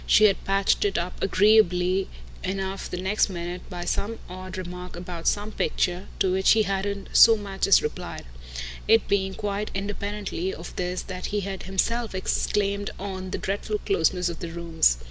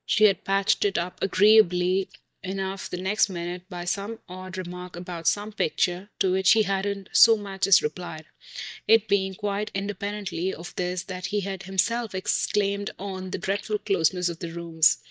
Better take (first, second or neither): first